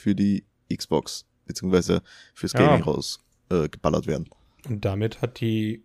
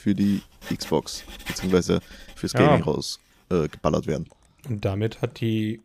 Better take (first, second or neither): first